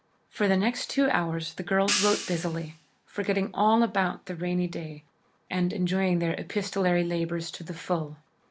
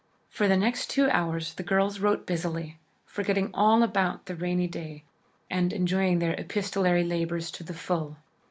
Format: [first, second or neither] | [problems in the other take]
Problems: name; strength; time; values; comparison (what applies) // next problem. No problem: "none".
second | background sound (Hi-hat); 6 dB below the speech